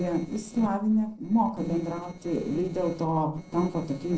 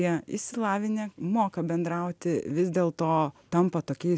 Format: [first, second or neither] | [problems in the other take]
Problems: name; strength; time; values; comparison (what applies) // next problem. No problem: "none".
second | noise reduction (neural separator model SepFormer DNS4)